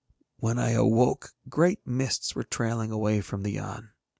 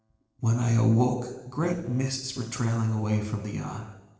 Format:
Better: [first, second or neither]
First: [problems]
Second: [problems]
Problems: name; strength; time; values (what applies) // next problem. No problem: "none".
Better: first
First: none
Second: noise reduction (neural separator model SepFormer DNS4)